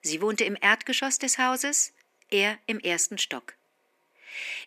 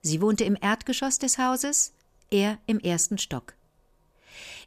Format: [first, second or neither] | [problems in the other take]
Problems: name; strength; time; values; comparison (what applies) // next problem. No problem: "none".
second | thin; somewhat; fading below 250 Hz